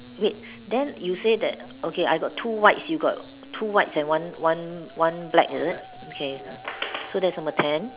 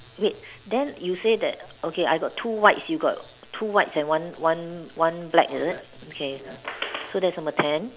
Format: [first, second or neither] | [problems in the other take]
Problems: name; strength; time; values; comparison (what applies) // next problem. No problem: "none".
second | background sound (Musical instrument); 20 dB below the speech